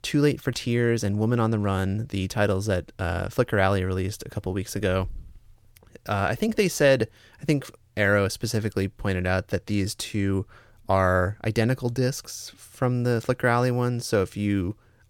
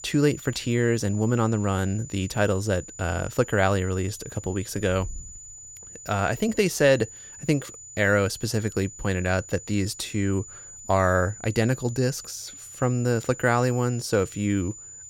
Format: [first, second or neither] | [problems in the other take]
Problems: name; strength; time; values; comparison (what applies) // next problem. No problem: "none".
first | high-pitched whine; noticeable; throughout; 7 kHz, 15 dB below the speech